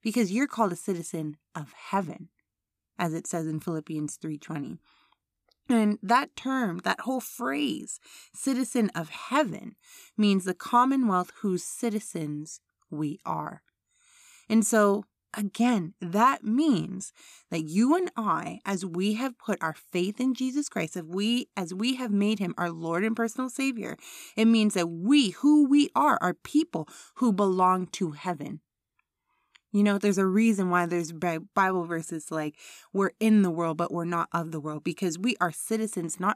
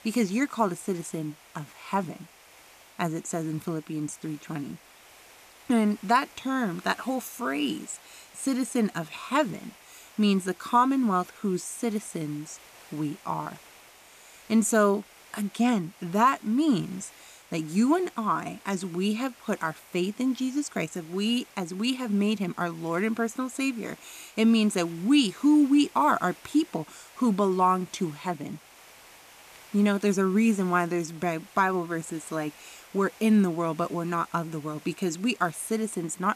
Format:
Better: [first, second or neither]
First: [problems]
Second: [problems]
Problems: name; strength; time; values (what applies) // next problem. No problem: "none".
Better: first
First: none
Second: hiss; faint; throughout; 25 dB below the speech